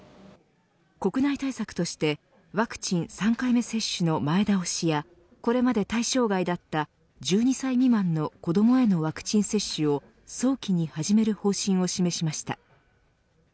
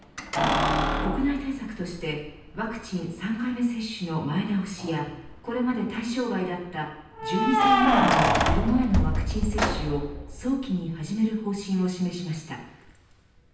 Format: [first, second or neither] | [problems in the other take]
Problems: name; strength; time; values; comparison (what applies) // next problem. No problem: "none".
first | background sound (Keys jangling); as loud as the speech // room echo; dies away in 0.9 s